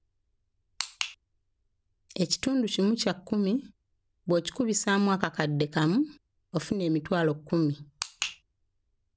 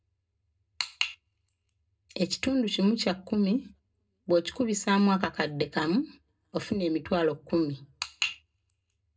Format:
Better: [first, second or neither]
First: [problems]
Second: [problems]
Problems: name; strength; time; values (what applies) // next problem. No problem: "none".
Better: first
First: none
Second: room echo; dies away in 0.2 s